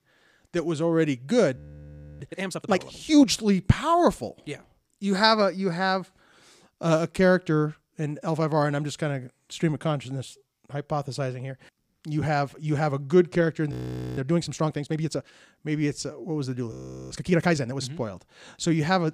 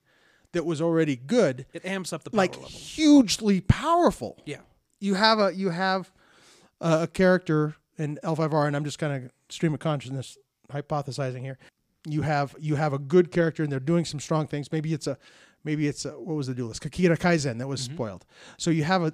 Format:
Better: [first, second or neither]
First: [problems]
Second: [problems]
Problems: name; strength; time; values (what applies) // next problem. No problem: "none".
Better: second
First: audio freezing; at 1.5 s for 0.5 s, at 14 s and at 17 s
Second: none